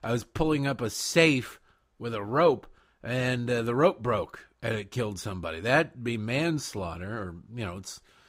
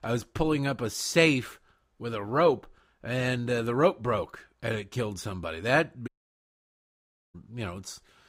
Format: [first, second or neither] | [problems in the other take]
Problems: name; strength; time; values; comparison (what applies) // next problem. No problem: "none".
first | audio cutting out; at 6 s for 1.5 s